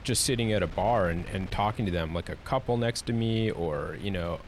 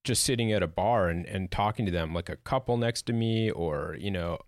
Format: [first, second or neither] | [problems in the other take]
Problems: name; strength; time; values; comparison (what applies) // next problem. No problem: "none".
second | wind noise on the microphone; occasional gusts; 20 dB below the speech